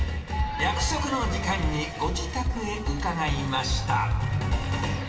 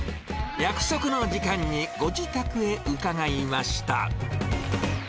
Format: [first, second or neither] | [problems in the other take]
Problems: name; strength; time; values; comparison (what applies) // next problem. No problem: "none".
second | background sound (Vehicle); 18 dB below the speech // room echo; dies away in 2.6 s